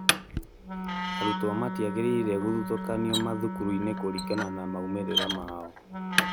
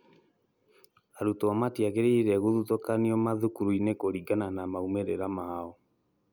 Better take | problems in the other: second | background sound (Wind instrument, woodwind instrument + Knock); as loud as the speech

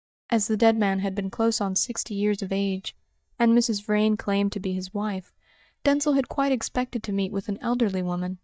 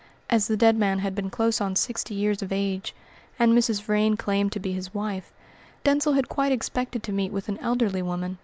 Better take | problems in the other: second | noise reduction (neural mask model DeepFilterNet 3)

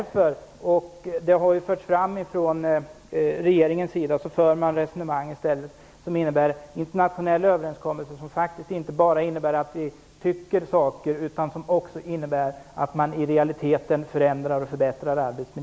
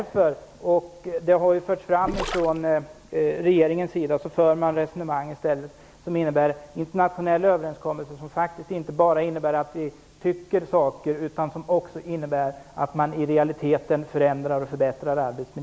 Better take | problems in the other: first | background sound (Gurgling); 9 dB below the speech

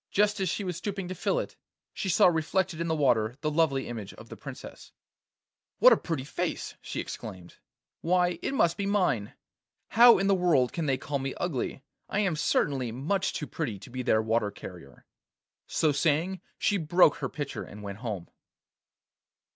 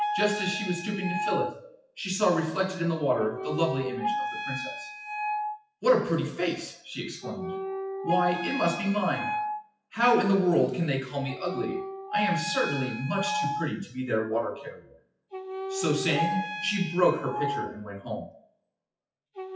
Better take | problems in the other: first | noise reduction (classical method WPE with log-MMSE)

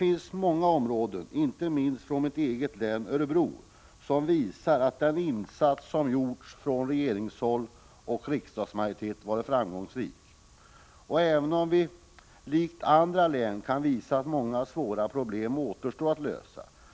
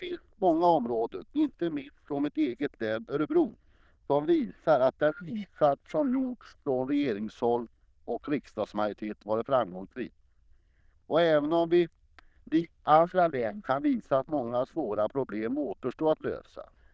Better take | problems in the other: first | noise reduction (neural diffusion model UNIVERSE++)

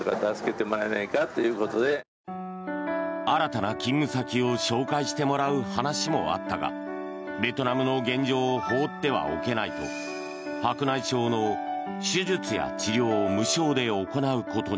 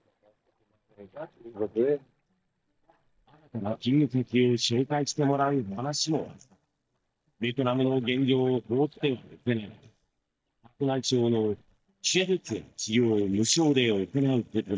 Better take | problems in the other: first | noise reduction (neural mask model DeepFilterNet 3)

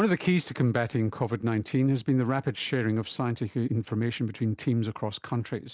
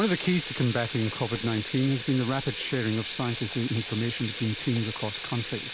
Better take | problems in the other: first | background sound (Sink (filling or washing) / Water tap, faucet); 9 dB below the speech

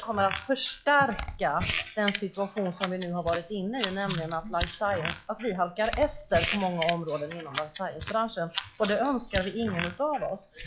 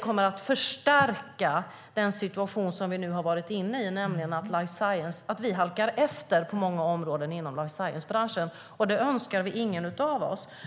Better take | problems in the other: second | noise reduction (classical method log-MMSE)

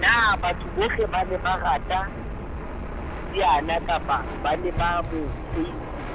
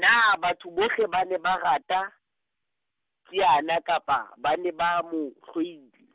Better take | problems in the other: second | background sound (Knock + Fixed-wing aircraft, airplane); 6 dB below the speech

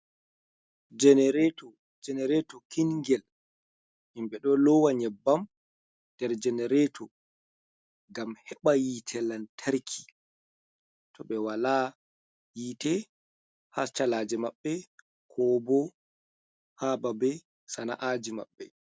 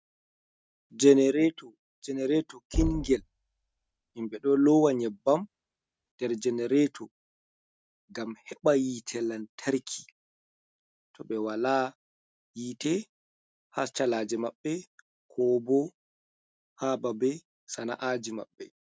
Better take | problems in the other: first | noise reduction (neural mask model RNNoise)

